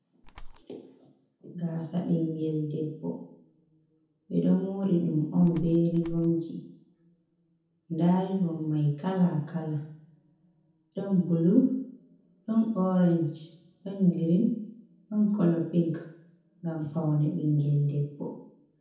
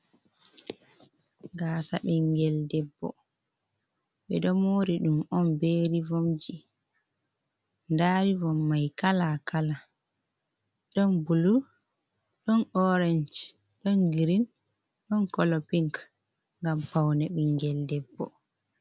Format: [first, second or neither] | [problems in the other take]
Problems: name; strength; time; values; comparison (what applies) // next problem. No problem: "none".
second | background sound (Bird); 13 dB below the speech // room echo; dies away in 0.7 s